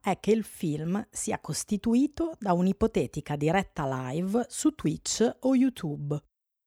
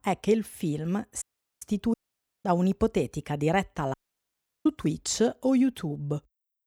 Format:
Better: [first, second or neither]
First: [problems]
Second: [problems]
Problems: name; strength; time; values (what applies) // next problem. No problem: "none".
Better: first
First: none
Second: audio cutting out; at 1 s, at 2 s for 0.5 s and at 4 s for 0.5 s